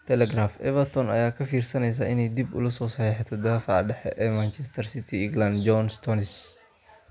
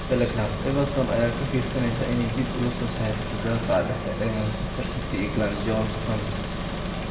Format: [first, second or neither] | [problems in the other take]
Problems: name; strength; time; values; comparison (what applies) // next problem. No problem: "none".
first | background sound (Engine); 3 dB below the speech // room echo; dies away in 1 s